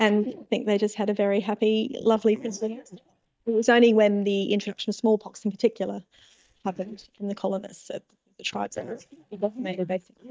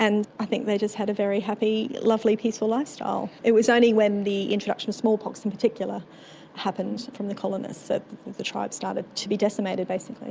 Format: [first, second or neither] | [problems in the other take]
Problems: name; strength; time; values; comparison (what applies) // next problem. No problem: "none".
second | noise reduction (neural mask model DeepFilterNet 3)